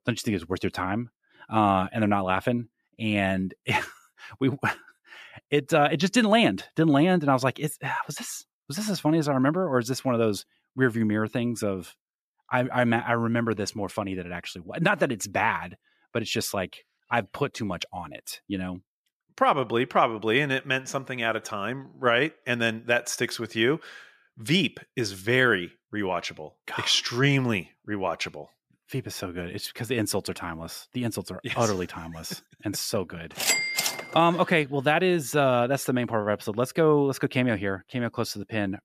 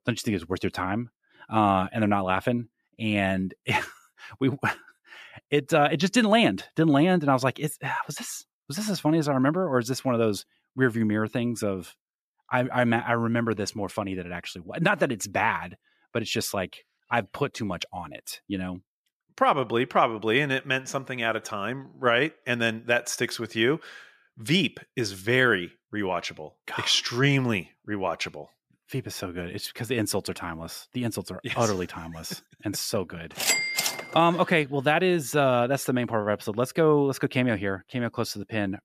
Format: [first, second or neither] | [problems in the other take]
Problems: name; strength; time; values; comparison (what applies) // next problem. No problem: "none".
neither | none